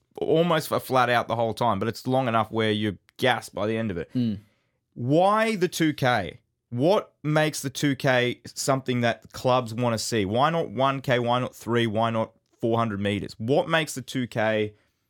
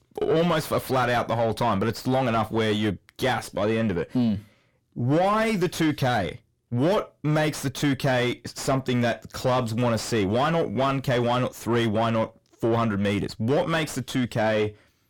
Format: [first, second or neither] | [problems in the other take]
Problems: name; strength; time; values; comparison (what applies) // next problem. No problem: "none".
first | distortion; heavy; 7 dB below the speech